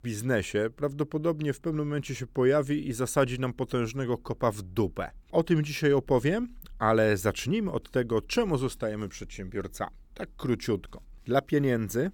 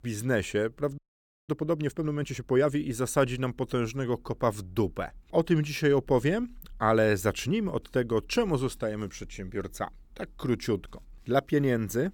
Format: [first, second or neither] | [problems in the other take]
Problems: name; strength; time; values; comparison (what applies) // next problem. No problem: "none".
first | audio freezing; at 1 s for 0.5 s